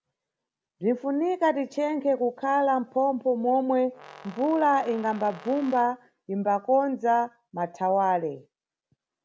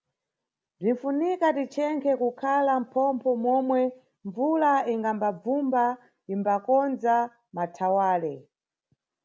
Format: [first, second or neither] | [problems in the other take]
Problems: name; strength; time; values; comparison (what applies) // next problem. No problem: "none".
second | background sound (Brass instrument); 20 dB below the speech